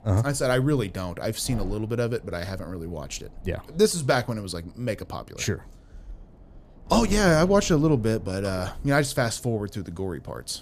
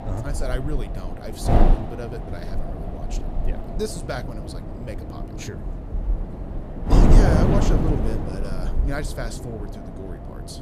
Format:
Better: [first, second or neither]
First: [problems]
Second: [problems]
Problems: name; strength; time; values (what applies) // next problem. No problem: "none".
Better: first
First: wind noise on the microphone; occasional gusts; 25 dB below the speech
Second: wind noise on the microphone; heavy; 2 dB above the speech